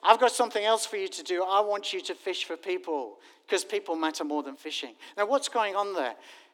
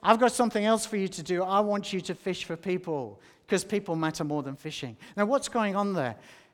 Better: second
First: thin; somewhat; fading below 300 Hz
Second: none

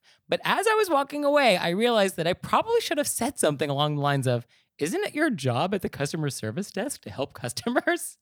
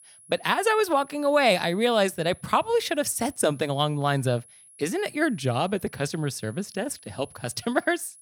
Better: first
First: none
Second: high-pitched whine; faint; throughout; 10.5 kHz, 25 dB below the speech

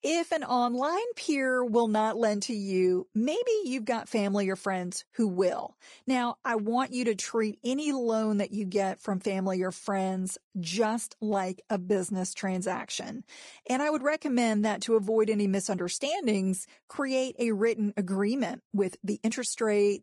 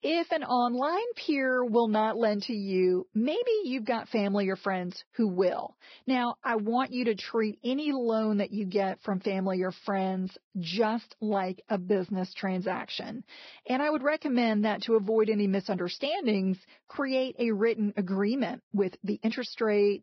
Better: first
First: garbled, watery; slightly; nothing above 10.5 kHz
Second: garbled, watery; badly; nothing above 5.5 kHz

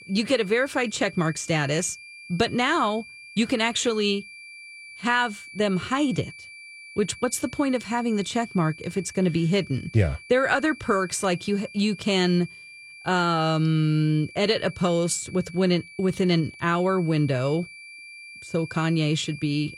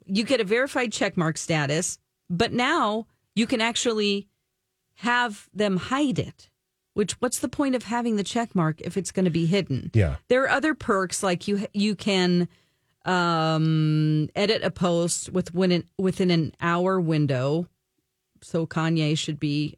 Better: second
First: high-pitched whine; noticeable; throughout; 2.5 kHz, 15 dB below the speech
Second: none

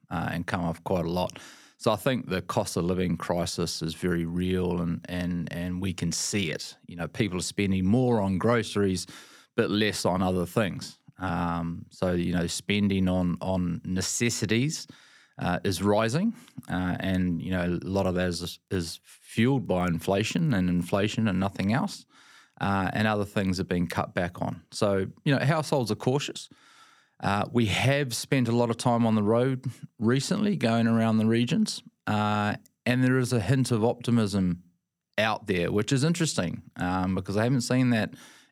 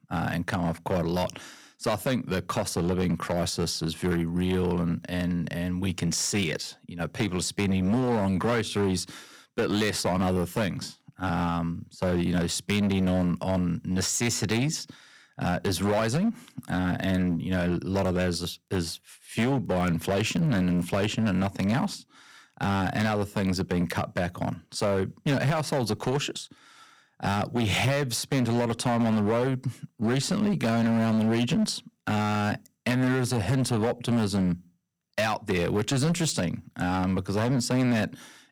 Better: first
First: none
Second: distortion; slight; 11% of the sound clipped

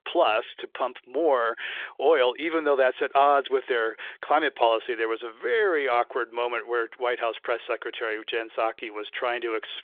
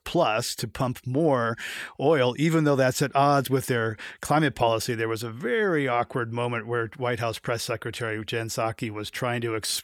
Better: second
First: phone-call audio; nothing above 3.5 kHz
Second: none

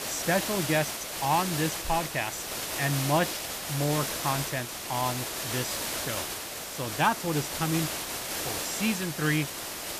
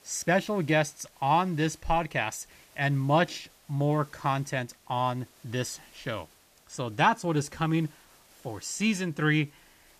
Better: second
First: hiss; loud; throughout; 2 dB below the speech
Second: hiss; faint; throughout; 25 dB below the speech

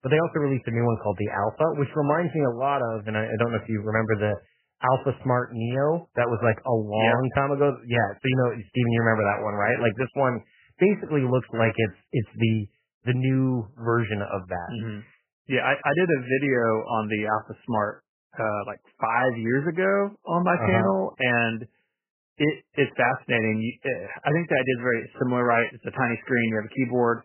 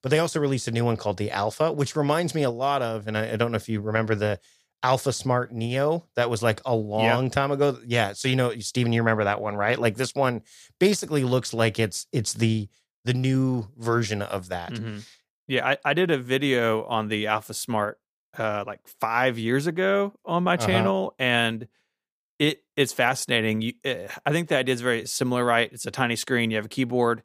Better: second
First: garbled, watery; badly; nothing above 3 kHz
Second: none

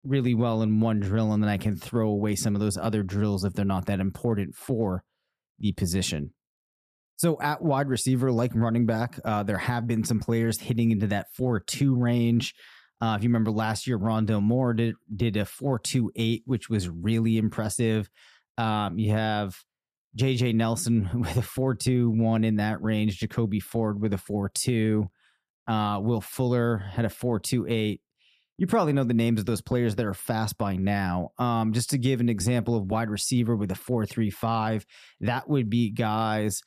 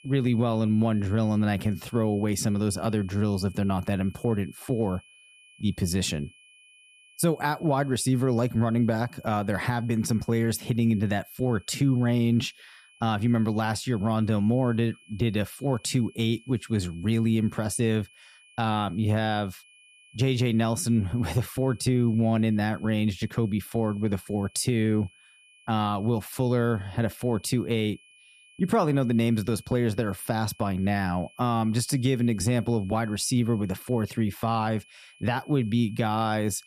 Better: first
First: none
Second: high-pitched whine; faint; throughout; 2.5 kHz, 25 dB below the speech

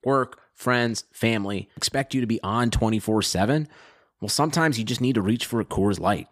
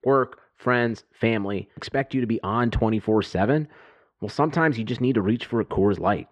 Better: first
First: none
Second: muffled; very; fading above 2 kHz

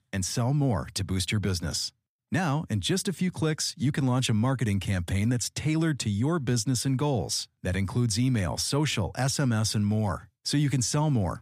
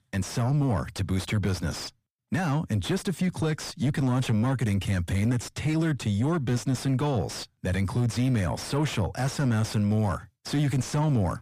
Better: first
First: none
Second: distortion; slight; 10 dB below the speech

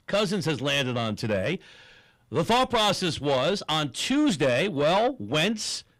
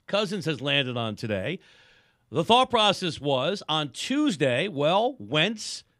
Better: second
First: distortion; heavy; 7 dB below the speech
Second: none

